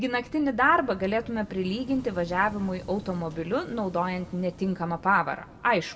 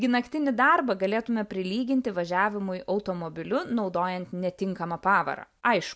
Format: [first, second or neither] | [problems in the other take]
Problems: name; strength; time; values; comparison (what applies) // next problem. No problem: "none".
second | background sound (Waves, surf / Wind); 18 dB below the speech // room echo; dies away in 2.2 s